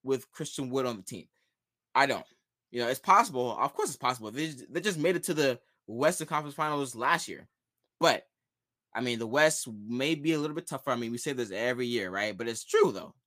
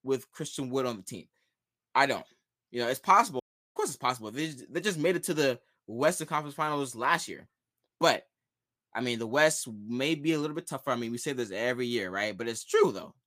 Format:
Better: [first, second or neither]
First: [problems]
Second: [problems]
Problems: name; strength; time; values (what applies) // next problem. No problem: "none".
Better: first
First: none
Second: audio cutting out; at 3.5 s